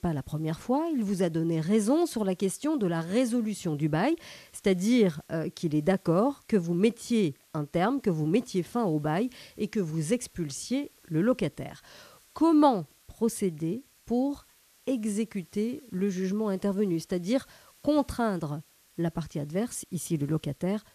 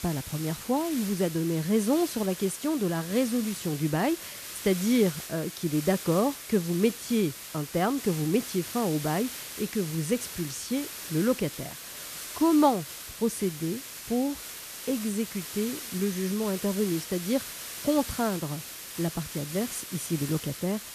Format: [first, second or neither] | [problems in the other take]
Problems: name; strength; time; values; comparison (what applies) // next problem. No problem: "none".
first | hiss; loud; throughout; 9 dB below the speech; faint in the first